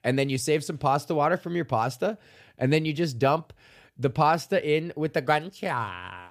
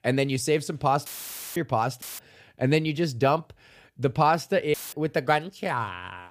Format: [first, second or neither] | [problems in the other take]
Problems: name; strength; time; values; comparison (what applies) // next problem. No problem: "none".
first | audio cutting out; filled with static; at 1 s for 0.5 s, at 2 s and at 4.5 s